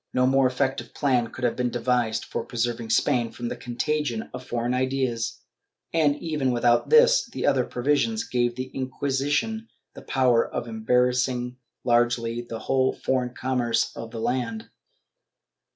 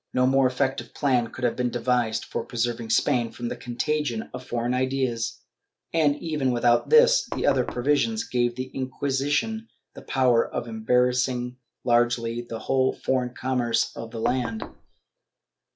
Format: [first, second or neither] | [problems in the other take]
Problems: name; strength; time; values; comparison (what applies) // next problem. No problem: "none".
first | background sound (Knock); 10 dB below the speech